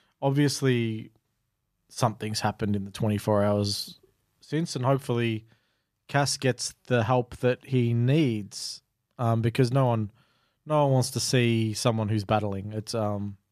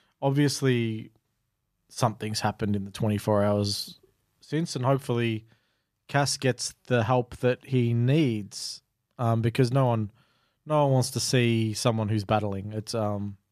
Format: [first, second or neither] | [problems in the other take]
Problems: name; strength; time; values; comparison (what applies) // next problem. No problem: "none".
neither | none